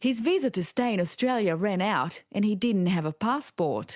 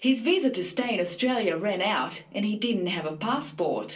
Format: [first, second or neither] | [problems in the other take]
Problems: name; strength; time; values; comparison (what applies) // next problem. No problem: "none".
first | room echo; dies away in 0.3 s